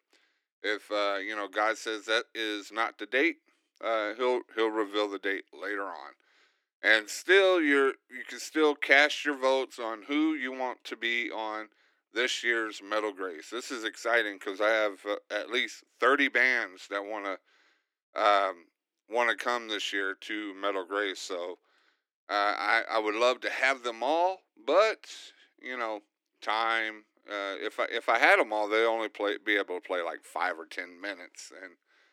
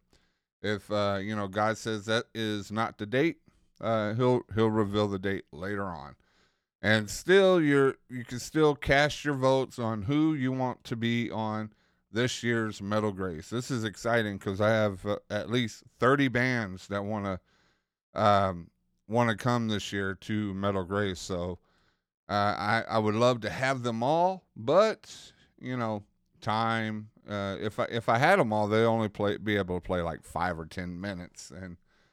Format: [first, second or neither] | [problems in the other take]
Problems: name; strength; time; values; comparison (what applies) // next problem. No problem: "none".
second | thin; somewhat; fading below 300 Hz